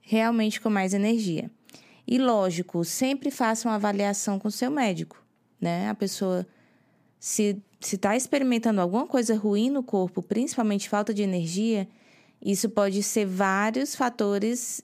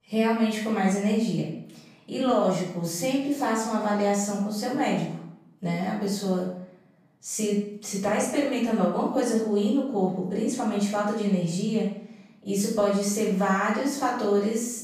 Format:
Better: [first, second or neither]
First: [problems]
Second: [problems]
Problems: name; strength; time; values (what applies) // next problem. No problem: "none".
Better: first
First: none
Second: off-mic speech; far // room echo; noticeable; dies away in 0.6 s